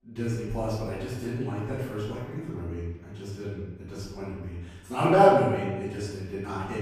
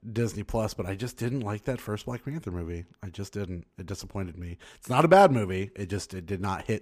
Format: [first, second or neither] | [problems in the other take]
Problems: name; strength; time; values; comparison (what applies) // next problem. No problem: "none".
second | off-mic speech; far // room echo; strong; dies away in 1.1 s